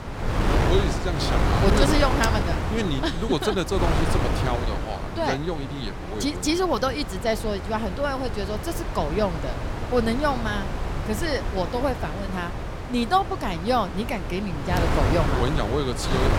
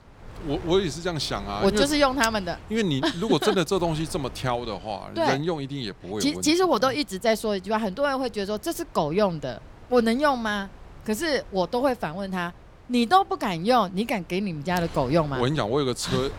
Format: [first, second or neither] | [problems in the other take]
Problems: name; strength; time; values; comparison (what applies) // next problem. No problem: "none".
second | wind noise on the microphone; heavy; 4 dB below the speech; occasional gusts in the second